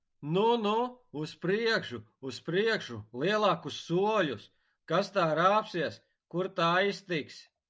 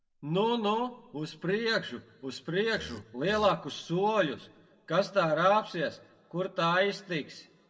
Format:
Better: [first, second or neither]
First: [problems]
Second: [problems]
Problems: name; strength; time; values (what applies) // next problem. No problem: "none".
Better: first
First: none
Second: background sound (Burping, eructation); 15 dB below the speech // room echo; dies away in 0.7 s